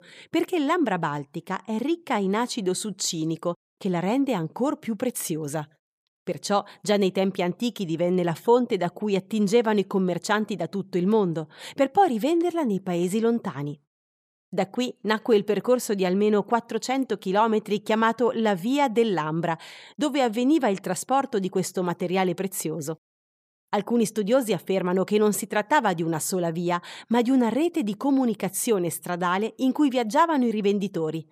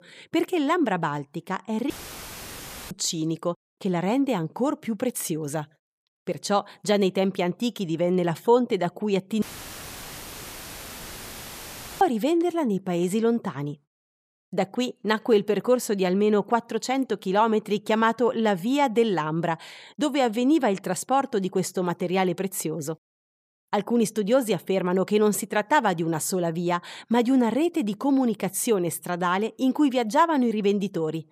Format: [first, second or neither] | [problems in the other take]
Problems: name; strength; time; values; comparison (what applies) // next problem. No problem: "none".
first | audio cutting out; filled with static; at 2 s for 1 s and at 9.5 s for 2.5 s